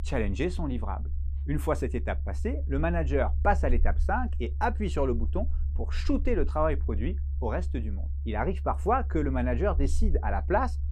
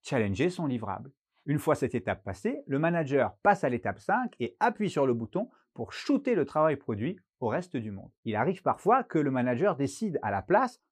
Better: second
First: low rumble; faint; throughout; 20 dB below the speech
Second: none

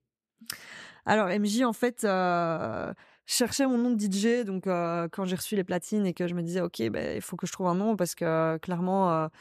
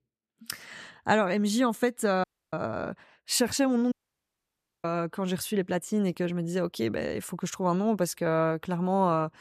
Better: first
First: none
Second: audio cutting out; at 2 s and at 4 s for 1 s

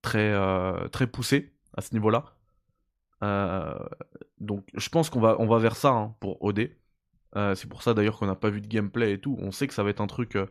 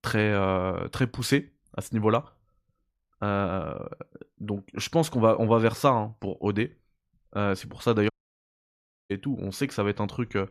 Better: first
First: none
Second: audio cutting out; at 8 s for 1 s

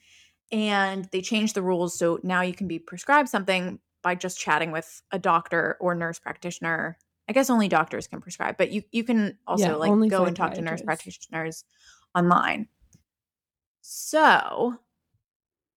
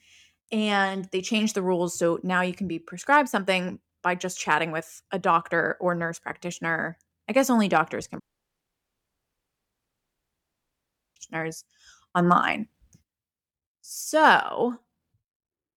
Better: first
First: none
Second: audio cutting out; at 8 s for 3 s

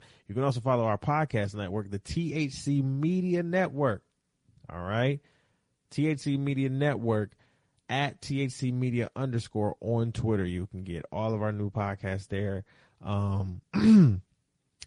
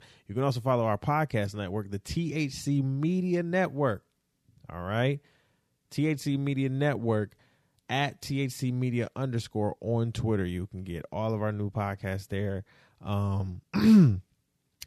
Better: second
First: garbled, watery; slightly; nothing above 10.5 kHz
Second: none

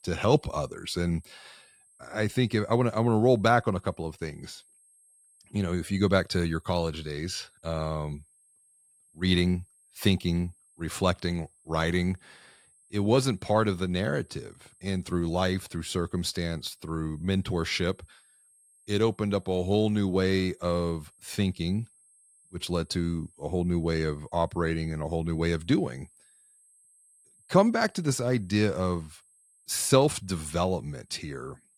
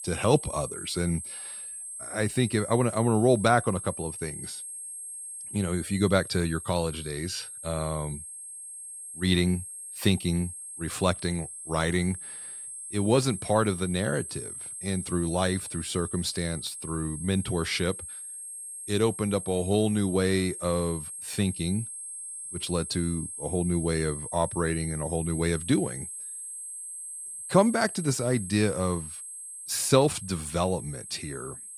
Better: first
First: high-pitched whine; faint; throughout; 8.5 kHz, 30 dB below the speech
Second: high-pitched whine; loud; throughout; 8.5 kHz, 9 dB below the speech

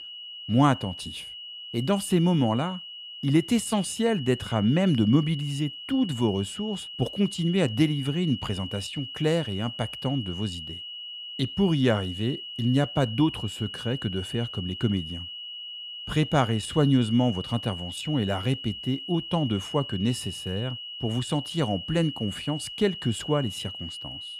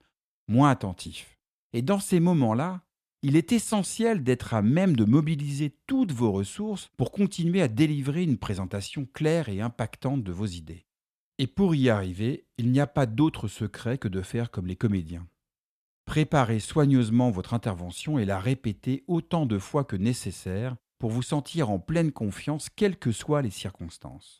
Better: second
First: high-pitched whine; loud; throughout; 3 kHz, 9 dB below the speech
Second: none

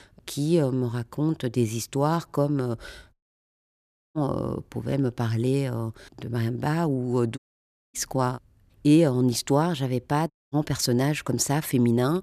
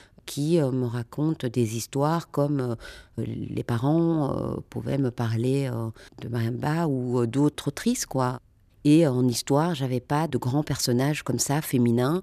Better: second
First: audio cutting out; at 3 s for 1 s, at 7.5 s for 0.5 s and at 10 s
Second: none

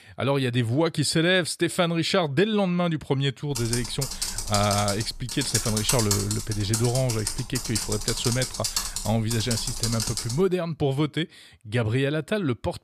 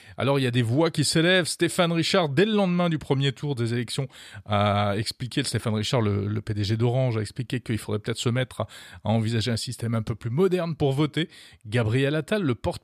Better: second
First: keyboard typing; loud; from 3.5 to 10 s; peak 2 dB above the speech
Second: none

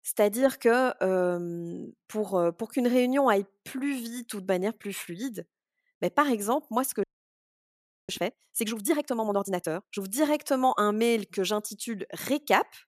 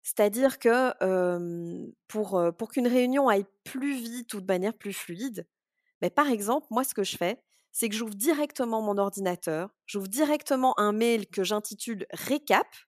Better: second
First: audio freezing; at 7 s for 1 s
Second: none

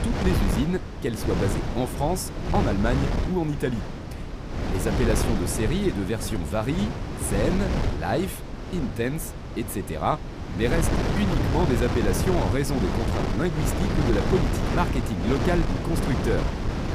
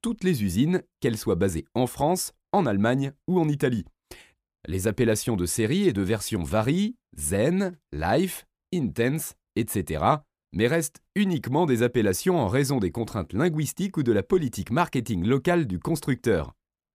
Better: second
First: wind noise on the microphone; heavy; 3 dB below the speech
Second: none

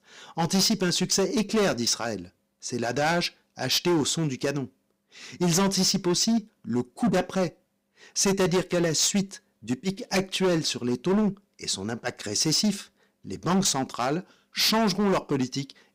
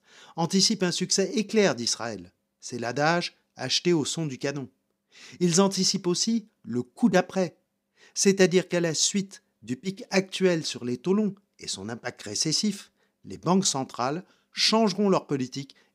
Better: second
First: distortion; heavy; 11% of the sound clipped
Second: none

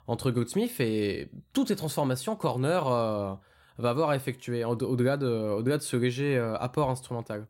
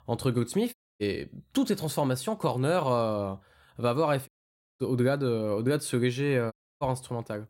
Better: first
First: none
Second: audio cutting out; at 0.5 s, at 4.5 s for 0.5 s and at 6.5 s

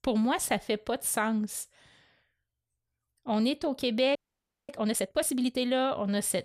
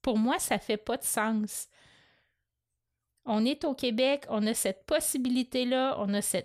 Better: second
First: audio freezing; at 4 s for 0.5 s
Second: none

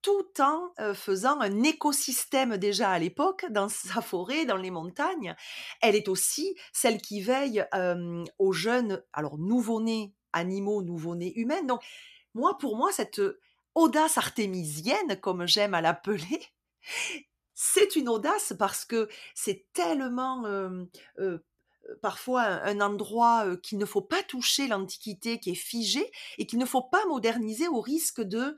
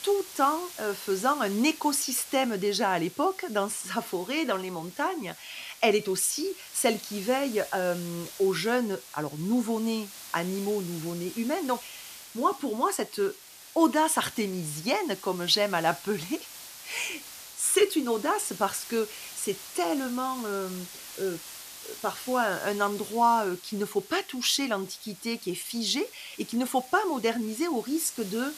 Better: first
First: none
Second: hiss; noticeable; throughout; 15 dB below the speech

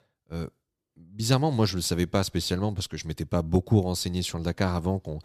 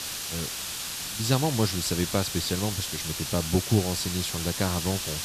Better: first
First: none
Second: hiss; loud; throughout; 3 dB below the speech

